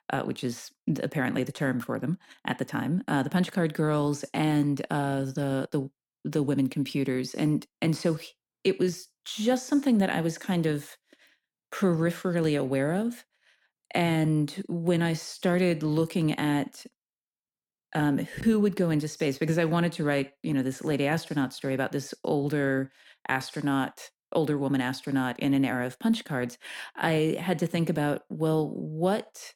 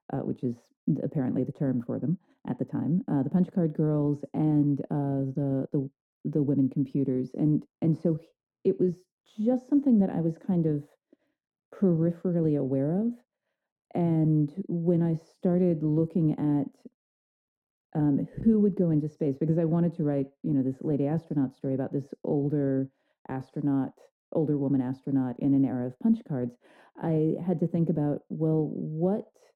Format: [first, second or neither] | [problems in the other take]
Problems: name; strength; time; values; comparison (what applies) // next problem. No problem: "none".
first | muffled; very; fading above 1 kHz